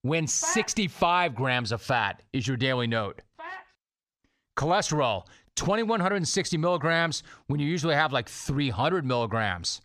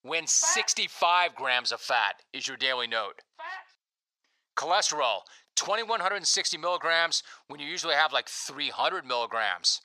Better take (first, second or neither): first